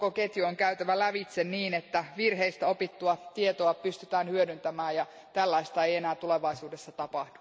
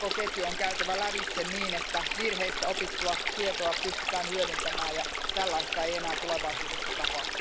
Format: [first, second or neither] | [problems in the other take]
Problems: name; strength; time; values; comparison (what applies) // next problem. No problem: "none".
first | background sound (Stream); 1 dB above the speech